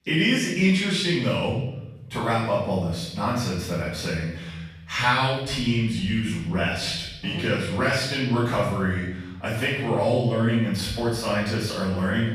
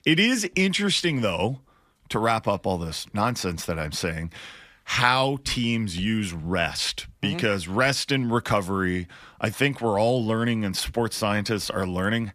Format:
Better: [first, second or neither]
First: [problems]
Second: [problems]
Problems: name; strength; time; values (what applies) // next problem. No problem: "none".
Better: second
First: off-mic speech; far // room echo; noticeable; dies away in 1 s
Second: none